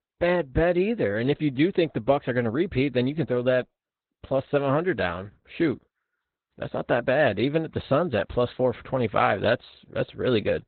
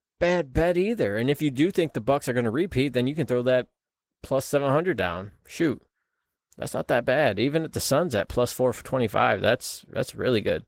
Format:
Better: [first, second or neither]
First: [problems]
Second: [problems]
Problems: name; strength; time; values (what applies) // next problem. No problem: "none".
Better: second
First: garbled, watery; badly; nothing above 4 kHz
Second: garbled, watery; slightly; nothing above 16 kHz